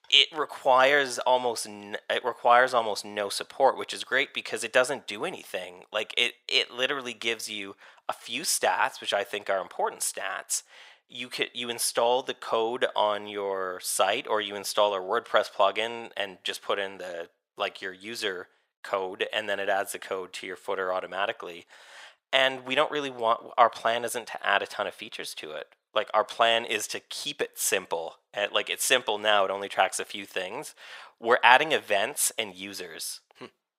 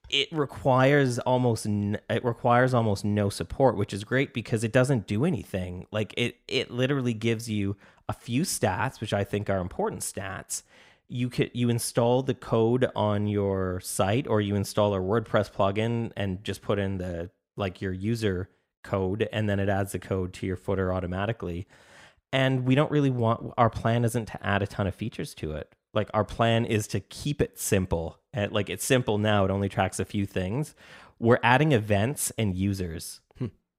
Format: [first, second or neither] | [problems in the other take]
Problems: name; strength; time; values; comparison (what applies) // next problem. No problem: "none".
second | thin; very; fading below 750 Hz